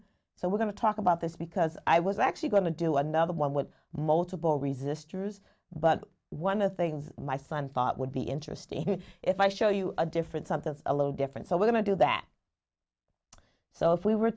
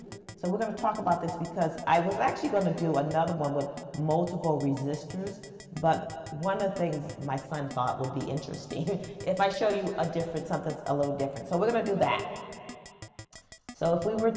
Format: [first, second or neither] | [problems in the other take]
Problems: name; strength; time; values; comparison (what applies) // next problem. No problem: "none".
first | background sound (Keyboard (musical)); 19 dB below the speech // room echo; dies away in 2.3 s